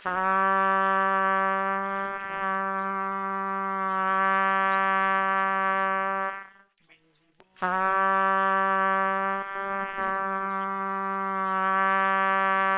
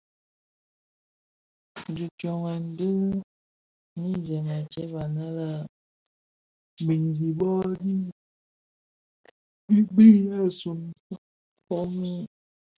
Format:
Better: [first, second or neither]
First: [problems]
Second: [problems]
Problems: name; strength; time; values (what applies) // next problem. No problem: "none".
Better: second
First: noise reduction (neural separator model SepFormer WHAM!)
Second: none